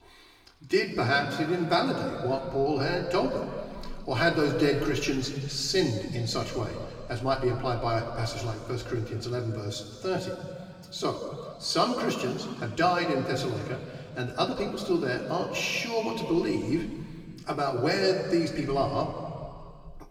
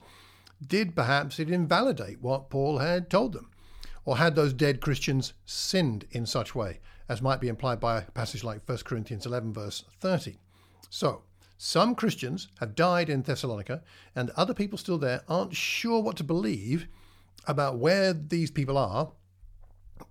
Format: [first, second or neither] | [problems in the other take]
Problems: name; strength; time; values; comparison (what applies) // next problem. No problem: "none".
second | room echo; slight; dies away in 2.2 s // off-mic speech; somewhat distant